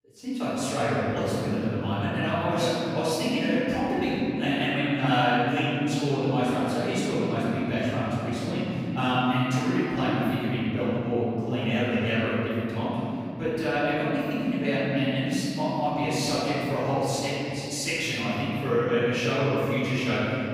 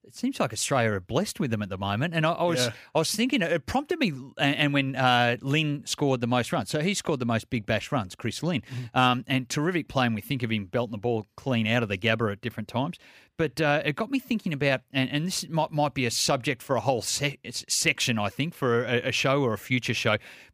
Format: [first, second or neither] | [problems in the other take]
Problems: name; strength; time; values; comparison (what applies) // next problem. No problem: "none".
second | off-mic speech; far // room echo; strong; dies away in 3 s